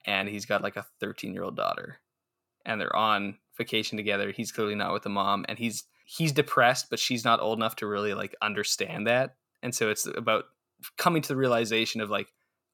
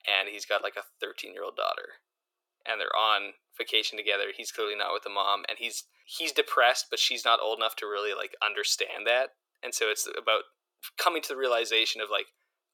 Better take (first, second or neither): first